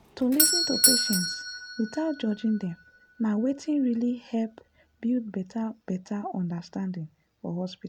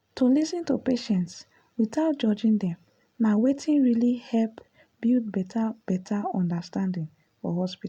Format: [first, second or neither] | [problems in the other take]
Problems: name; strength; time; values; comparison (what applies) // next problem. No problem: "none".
second | background sound (Doorbell); 2 dB below the speech